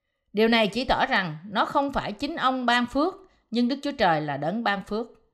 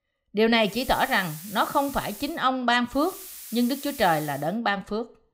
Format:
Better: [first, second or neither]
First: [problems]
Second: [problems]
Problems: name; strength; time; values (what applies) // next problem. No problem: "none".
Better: first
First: none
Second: hiss; noticeable; from 0.5 to 2.5 s and from 3 to 4.5 s; 15 dB below the speech